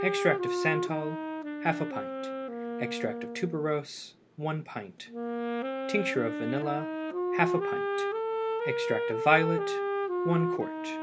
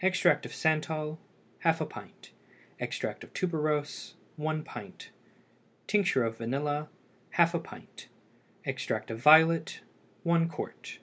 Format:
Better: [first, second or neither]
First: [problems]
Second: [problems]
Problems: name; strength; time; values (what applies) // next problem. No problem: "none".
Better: second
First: background sound (Wind instrument, woodwind instrument); as loud as the speech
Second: none